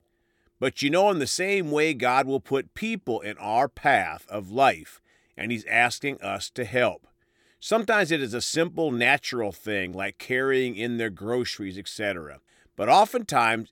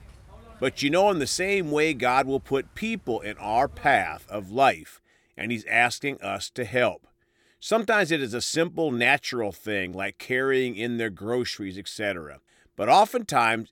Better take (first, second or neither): first